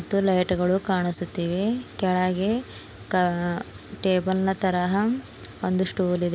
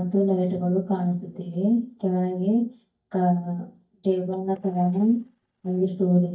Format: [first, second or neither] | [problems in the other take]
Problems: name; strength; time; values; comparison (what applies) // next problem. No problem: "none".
first | noise reduction (neural mask model DeepFilterNet 3)